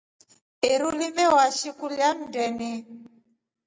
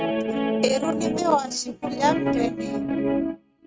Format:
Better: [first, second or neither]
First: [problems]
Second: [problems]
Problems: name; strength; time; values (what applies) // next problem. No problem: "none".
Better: first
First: none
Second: noise reduction (neural mask model RNNoise)